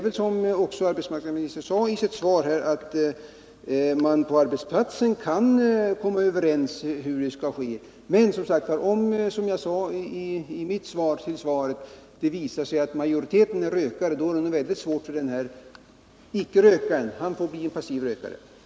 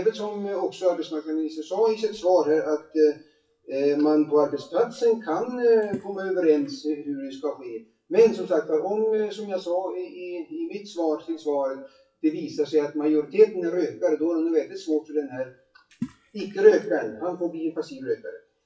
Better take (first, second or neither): first